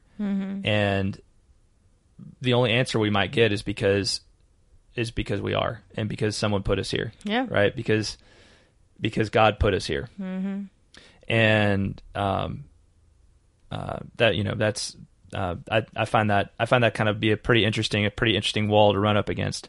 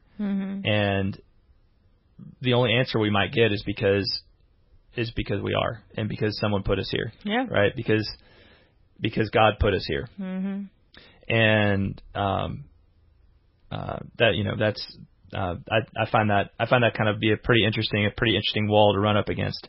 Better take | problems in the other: first | garbled, watery; badly; nothing above 5.5 kHz; slightly in the first

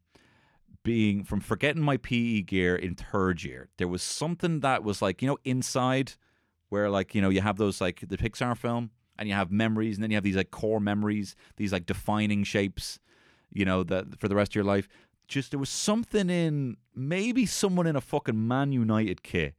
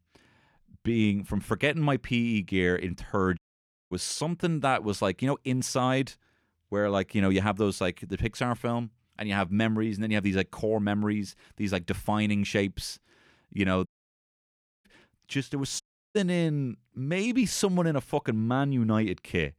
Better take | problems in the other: first | audio cutting out; at 3.5 s for 0.5 s, at 14 s for 1 s and at 16 s

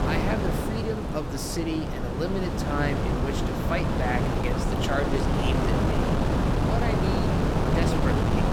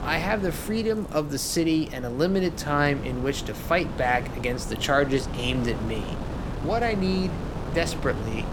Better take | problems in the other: second | wind noise on the microphone; heavy; 3 dB above the speech; occasional gusts in the second

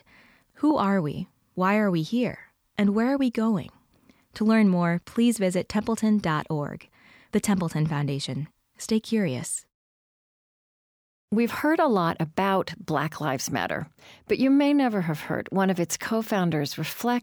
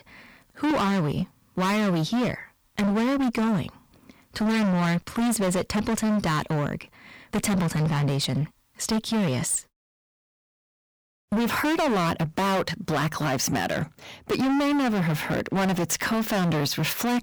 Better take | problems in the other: first | distortion; heavy; 27% of the sound clipped

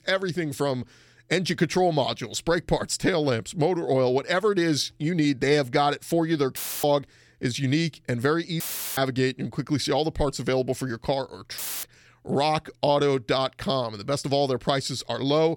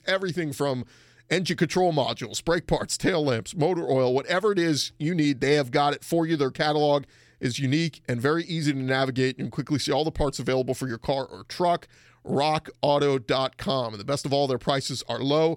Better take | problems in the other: second | audio cutting out; filled with static; at 6.5 s, at 8.5 s and at 12 s

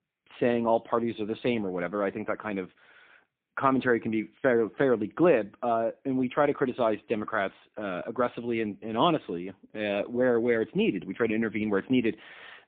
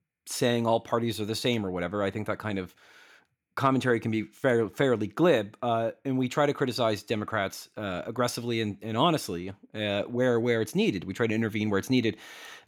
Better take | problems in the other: second | phone-call audio; poor line

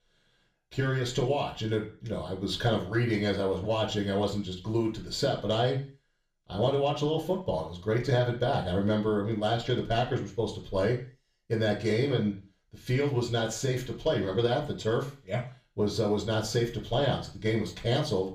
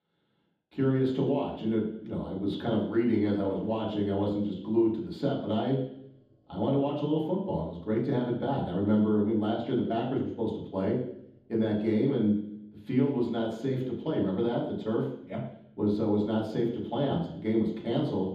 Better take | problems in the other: first | room echo; strong; dies away in 0.9 s; slight in the first // off-mic speech; far; far in the first

